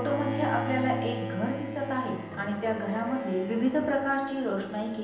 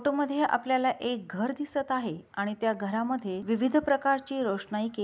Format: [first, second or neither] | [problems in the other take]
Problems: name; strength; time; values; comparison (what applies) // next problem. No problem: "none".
second | background sound (Bowed string instrument); 7 dB below the speech // room echo; dies away in 0.9 s